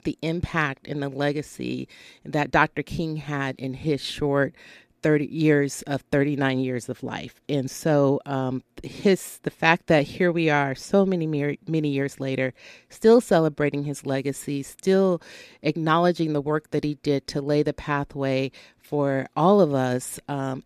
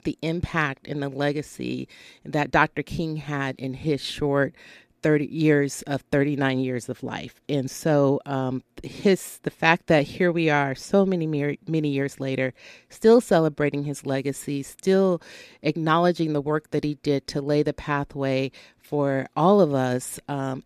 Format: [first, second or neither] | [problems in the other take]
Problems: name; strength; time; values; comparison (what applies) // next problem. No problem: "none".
neither | none